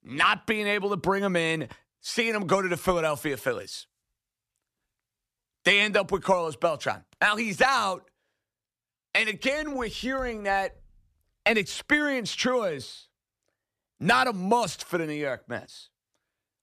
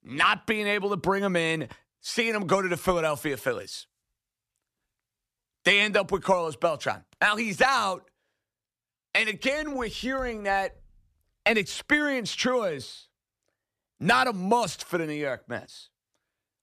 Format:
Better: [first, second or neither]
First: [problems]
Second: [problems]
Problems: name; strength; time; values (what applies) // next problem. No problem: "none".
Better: neither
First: none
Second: none